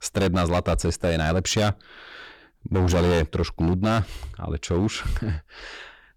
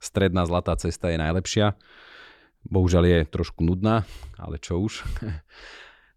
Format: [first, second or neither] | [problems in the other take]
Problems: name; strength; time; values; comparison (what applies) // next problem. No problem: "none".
second | distortion; heavy; 13% of the sound clipped